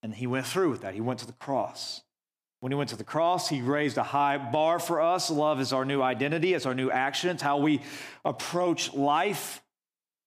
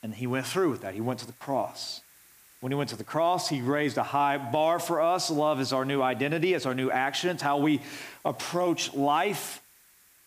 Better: first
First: none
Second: hiss; faint; throughout; 25 dB below the speech

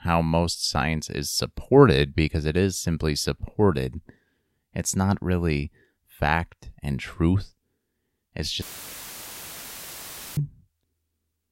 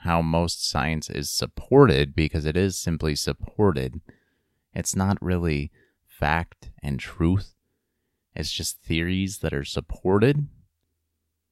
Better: second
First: audio cutting out; filled with static; at 8.5 s for 2 s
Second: none

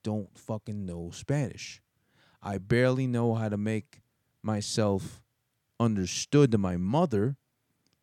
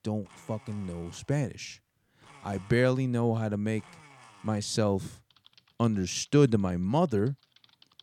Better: first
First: none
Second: household noises; faint; throughout; 25 dB below the speech

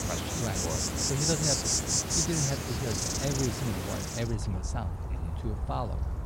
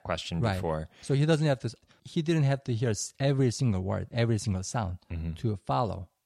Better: second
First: animal sounds; very loud; throughout; 5 dB above the speech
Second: none

